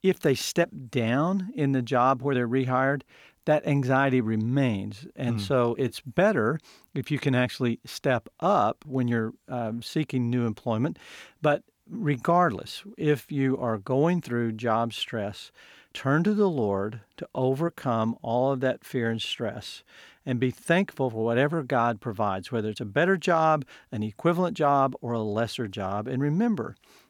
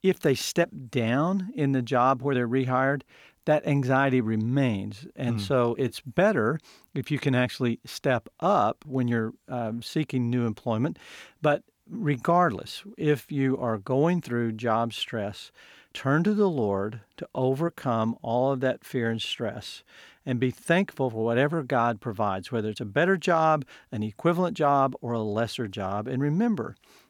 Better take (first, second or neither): neither